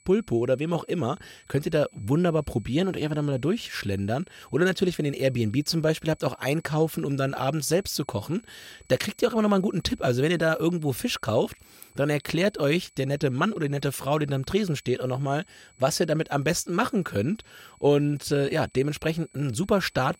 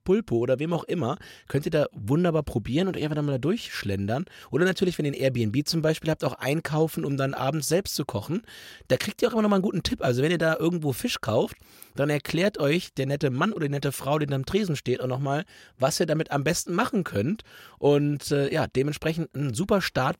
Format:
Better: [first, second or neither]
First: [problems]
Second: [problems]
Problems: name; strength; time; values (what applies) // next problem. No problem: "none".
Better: second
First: high-pitched whine; faint; throughout; 8 kHz, 30 dB below the speech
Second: none